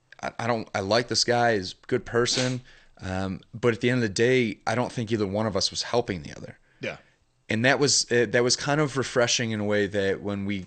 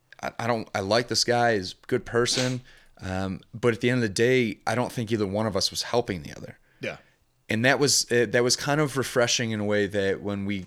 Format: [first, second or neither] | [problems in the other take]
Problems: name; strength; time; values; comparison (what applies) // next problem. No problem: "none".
second | garbled, watery; slightly; nothing above 8.5 kHz